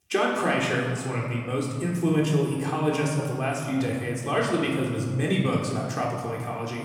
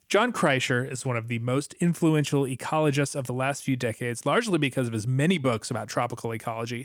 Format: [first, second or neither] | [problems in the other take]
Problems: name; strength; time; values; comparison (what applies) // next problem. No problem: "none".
second | off-mic speech; far // room echo; noticeable; dies away in 1.9 s